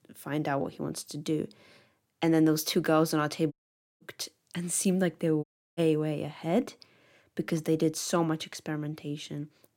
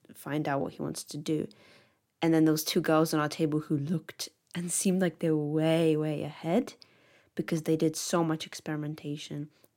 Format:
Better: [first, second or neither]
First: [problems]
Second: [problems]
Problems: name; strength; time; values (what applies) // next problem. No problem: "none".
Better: second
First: audio cutting out; at 3.5 s and at 5.5 s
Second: none